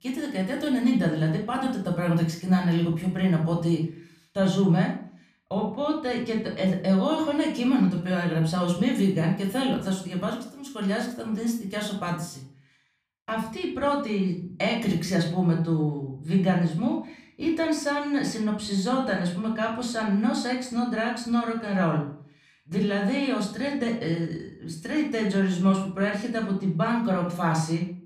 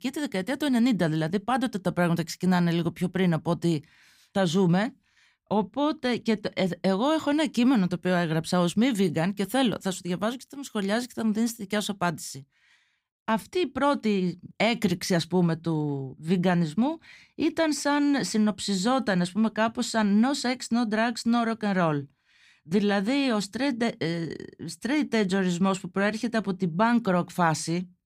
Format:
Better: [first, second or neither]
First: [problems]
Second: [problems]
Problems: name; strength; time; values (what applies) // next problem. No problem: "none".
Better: second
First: off-mic speech; somewhat distant // room echo; slight; dies away in 0.4 s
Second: none